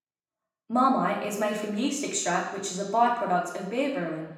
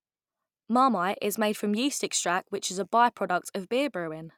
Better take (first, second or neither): second